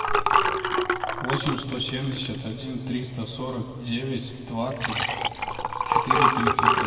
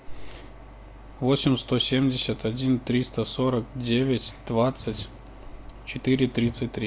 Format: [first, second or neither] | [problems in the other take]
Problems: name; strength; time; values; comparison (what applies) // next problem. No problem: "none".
second | background sound (Liquid); 4 dB above the speech // room echo; dies away in 2 s